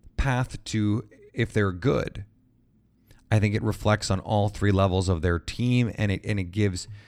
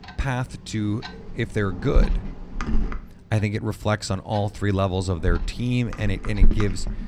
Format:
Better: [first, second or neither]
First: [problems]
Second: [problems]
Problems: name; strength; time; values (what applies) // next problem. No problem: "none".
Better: first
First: none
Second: household noises; loud; throughout; 4 dB below the speech